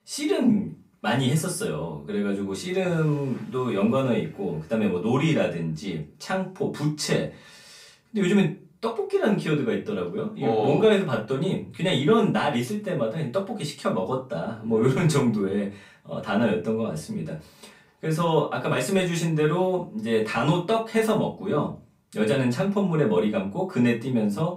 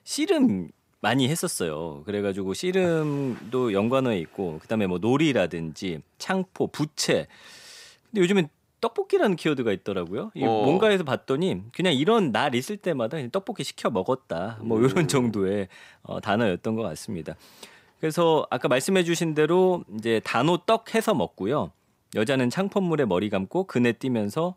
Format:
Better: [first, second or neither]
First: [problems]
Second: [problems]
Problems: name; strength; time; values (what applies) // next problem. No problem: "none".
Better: second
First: room echo; slight; dies away in 0.3 s // off-mic speech; far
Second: none